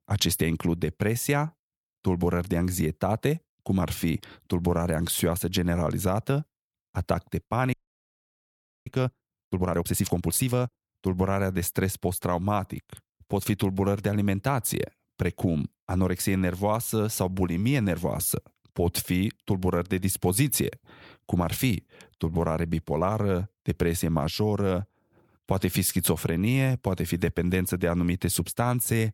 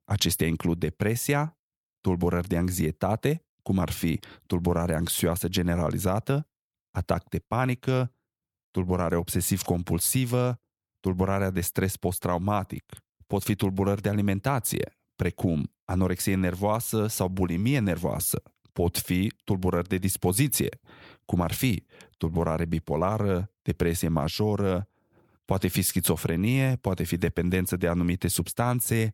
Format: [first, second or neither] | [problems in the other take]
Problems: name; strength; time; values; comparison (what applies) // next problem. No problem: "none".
second | audio freezing; at 7.5 s for 1 s